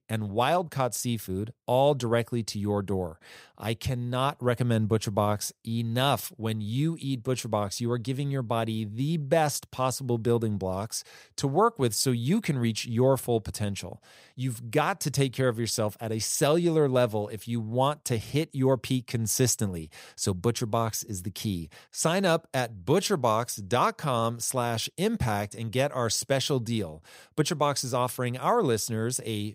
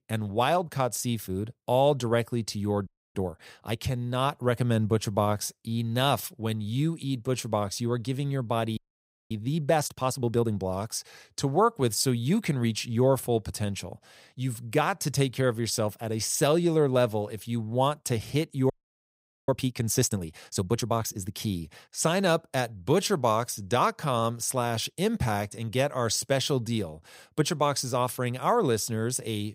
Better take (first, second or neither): first